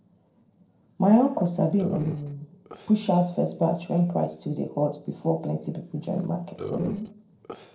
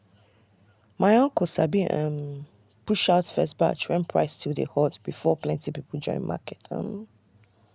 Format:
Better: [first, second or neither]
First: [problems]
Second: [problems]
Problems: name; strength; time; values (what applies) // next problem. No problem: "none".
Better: second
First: noise reduction (neural separator model SepFormer DNS4)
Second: none